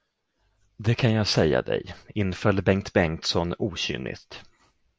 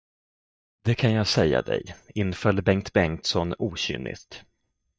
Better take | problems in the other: first | noise reduction (neural mask model DeepFilterNet 3)

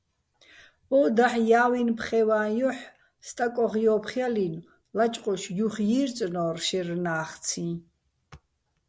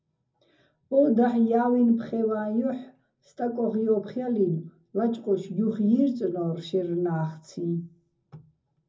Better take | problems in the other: first | room echo; dies away in 0.4 s

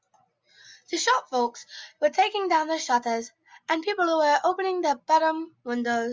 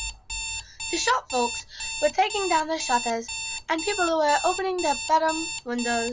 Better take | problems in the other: first | background sound (Alarm); 7 dB below the speech

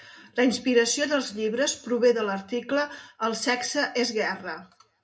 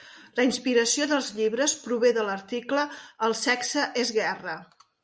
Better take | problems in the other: second | room echo; dies away in 0.2 s

